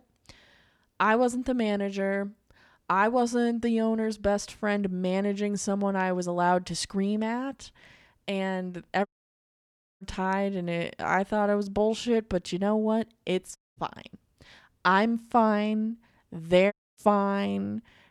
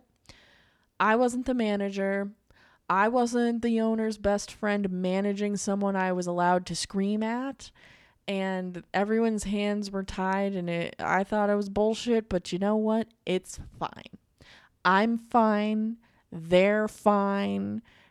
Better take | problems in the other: second | audio cutting out; at 9 s for 1 s, at 14 s and at 17 s

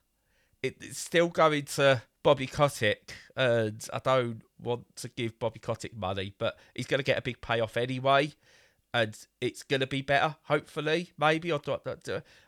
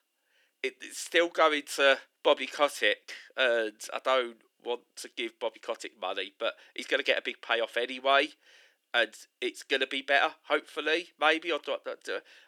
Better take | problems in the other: first | thin; somewhat; fading below 300 Hz

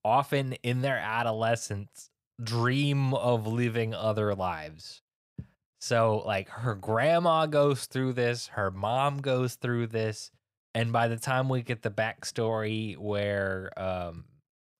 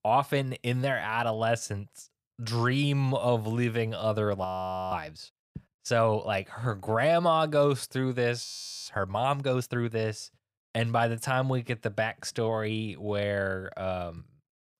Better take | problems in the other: first | audio freezing; at 4.5 s and at 8.5 s

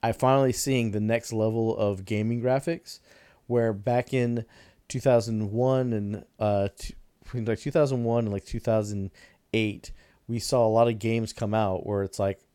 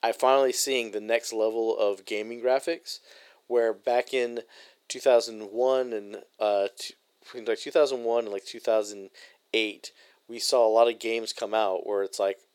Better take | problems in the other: first | thin; very; fading below 400 Hz

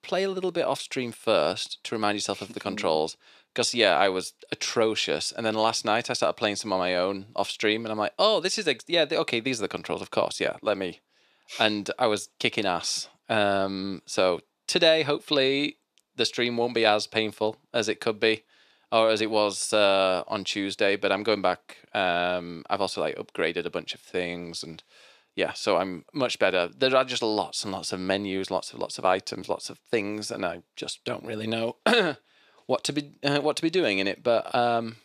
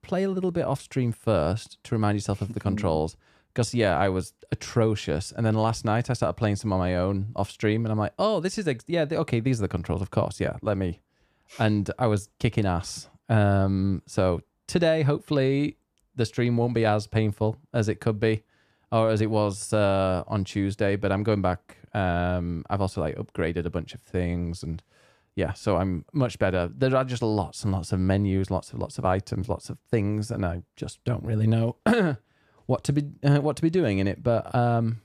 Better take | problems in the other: second | thin; somewhat; fading below 350 Hz

